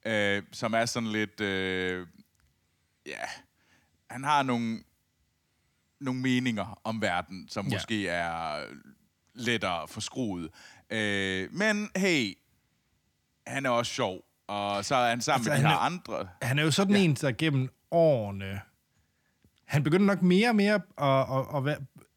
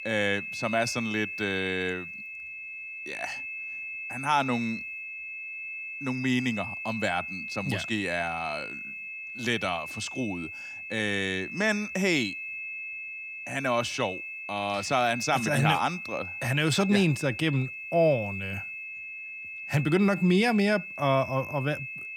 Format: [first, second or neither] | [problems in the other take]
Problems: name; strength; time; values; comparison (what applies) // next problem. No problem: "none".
first | high-pitched whine; loud; throughout; 2.5 kHz, 7 dB below the speech